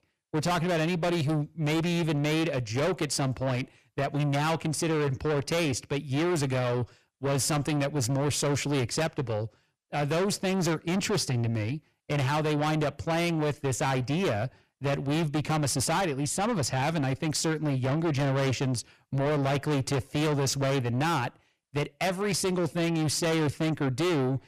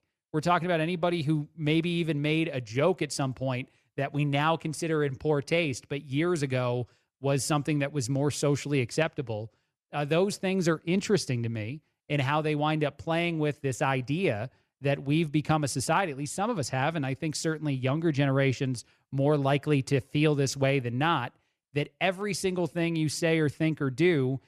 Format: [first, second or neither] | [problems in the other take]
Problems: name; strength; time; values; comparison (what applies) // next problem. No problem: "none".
second | distortion; heavy; 6 dB below the speech